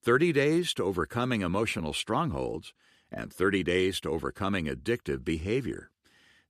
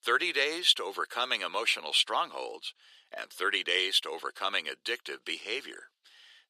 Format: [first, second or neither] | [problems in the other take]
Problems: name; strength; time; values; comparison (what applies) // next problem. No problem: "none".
first | thin; very; fading below 600 Hz